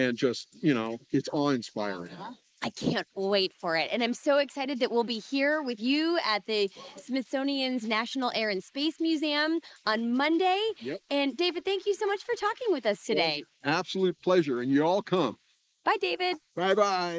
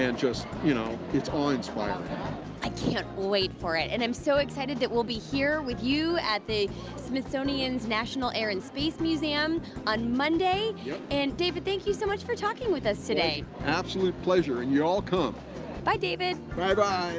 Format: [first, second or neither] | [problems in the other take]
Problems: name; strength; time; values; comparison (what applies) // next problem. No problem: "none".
second | noise reduction (neural mask model Resemble Enhance denoiser)